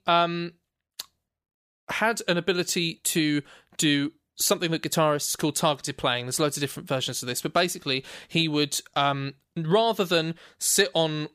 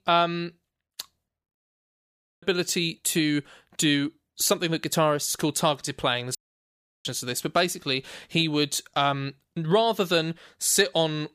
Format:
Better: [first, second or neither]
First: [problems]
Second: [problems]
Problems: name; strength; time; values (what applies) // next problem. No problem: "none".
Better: first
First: none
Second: audio cutting out; at 1.5 s for 0.5 s and at 6.5 s for 0.5 s